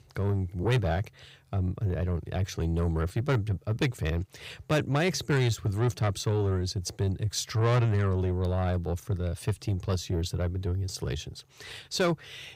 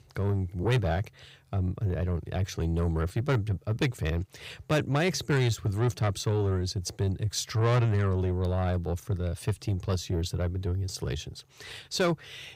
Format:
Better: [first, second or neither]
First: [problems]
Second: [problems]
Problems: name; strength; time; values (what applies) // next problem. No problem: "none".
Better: neither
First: distortion; slight; 10 dB below the speech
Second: distortion; slight; 10 dB below the speech